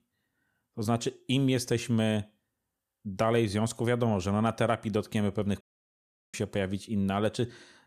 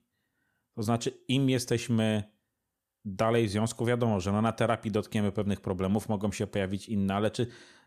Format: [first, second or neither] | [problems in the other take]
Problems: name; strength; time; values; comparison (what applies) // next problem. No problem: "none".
second | audio cutting out; at 5.5 s for 0.5 s